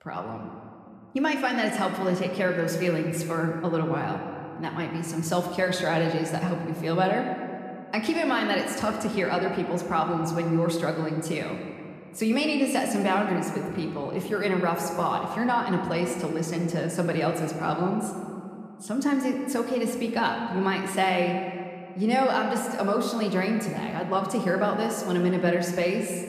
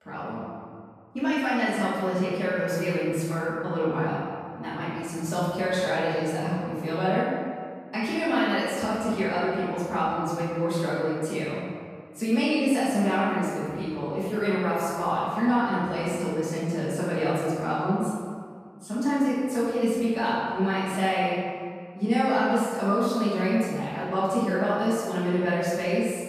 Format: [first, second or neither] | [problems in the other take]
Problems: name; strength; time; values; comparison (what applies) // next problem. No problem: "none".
first | room echo; strong; dies away in 1.8 s; slight in the first // off-mic speech; far